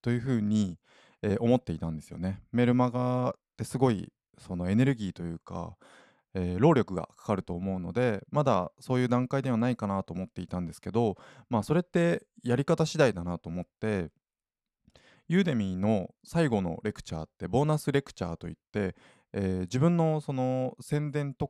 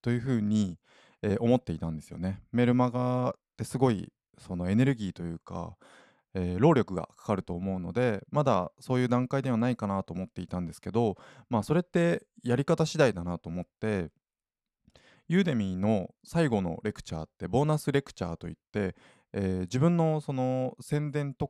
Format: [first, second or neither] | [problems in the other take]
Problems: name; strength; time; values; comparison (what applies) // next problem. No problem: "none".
neither | none